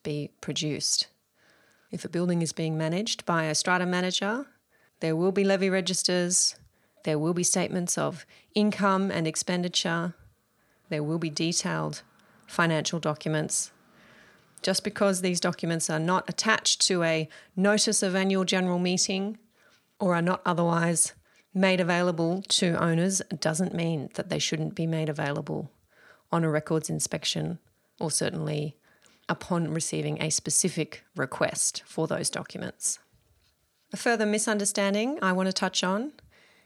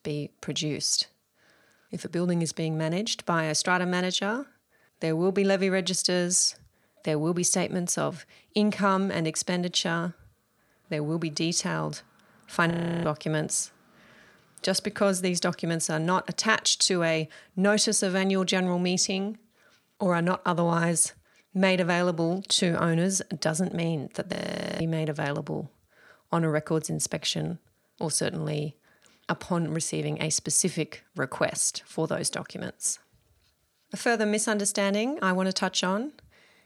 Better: first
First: none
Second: audio freezing; at 13 s and at 24 s

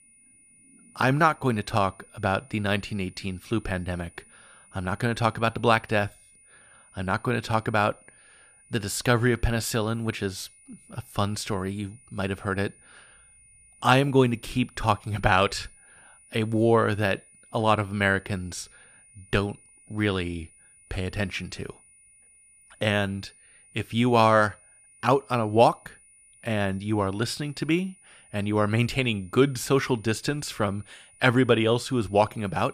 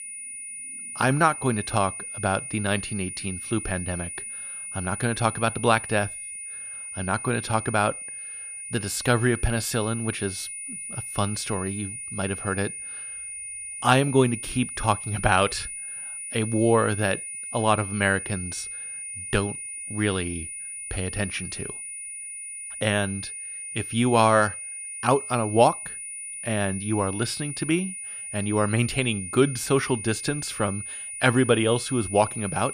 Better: first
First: high-pitched whine; faint; throughout; 9.5 kHz, 25 dB below the speech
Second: high-pitched whine; loud; throughout; 9.5 kHz, 8 dB below the speech

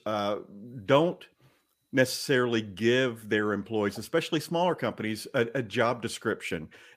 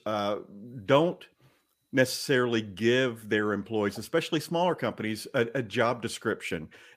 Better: neither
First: none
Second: none

